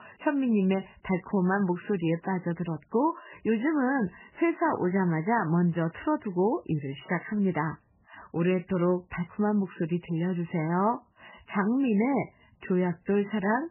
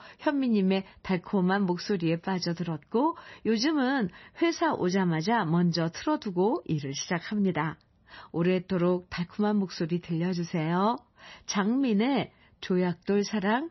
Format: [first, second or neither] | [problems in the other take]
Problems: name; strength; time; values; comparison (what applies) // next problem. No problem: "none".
second | garbled, watery; badly; nothing above 3 kHz; slightly in the second